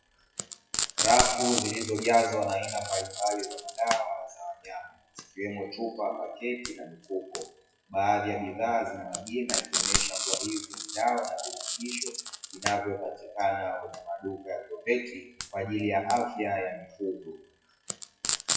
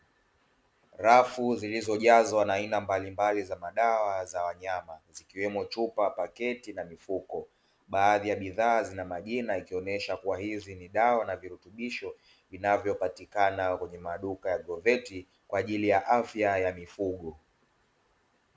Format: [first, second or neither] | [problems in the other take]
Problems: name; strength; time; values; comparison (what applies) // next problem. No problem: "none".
second | noise reduction (classical method WPE with log-MMSE)